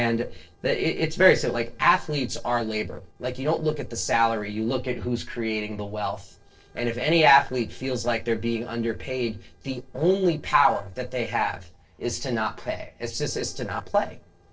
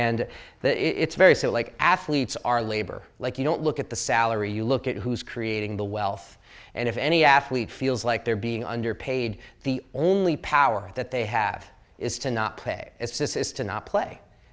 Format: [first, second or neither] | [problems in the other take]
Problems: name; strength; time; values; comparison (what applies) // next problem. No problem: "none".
second | noise reduction (neural separator model SepFormer DNS4)